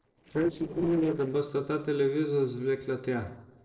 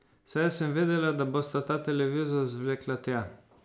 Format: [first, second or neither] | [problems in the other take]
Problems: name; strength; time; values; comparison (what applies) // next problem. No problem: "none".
second | noise reduction (neural separator model SepFormer DNS4)